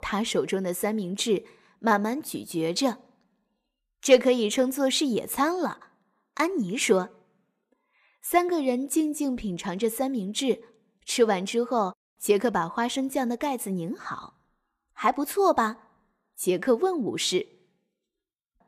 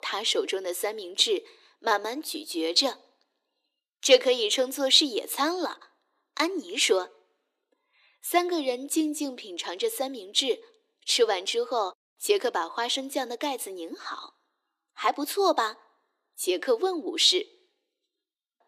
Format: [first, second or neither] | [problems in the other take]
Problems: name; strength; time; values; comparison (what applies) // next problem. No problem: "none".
first | thin; somewhat; fading below 300 Hz